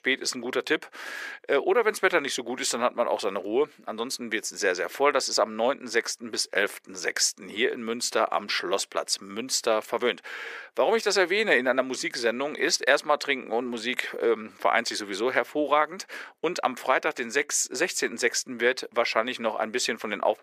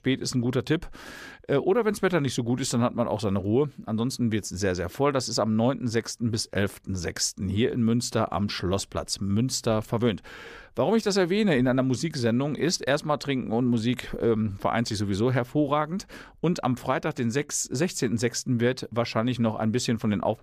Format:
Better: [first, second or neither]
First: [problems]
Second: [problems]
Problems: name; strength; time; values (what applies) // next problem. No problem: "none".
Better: second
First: thin; very; fading below 400 Hz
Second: none